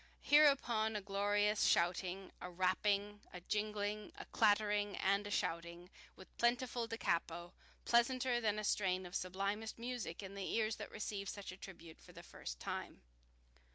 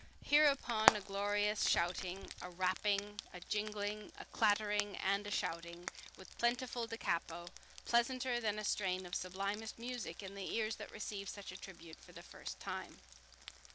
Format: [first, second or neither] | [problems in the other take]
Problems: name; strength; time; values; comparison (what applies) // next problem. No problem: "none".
first | background sound (Frying (food)); 7 dB below the speech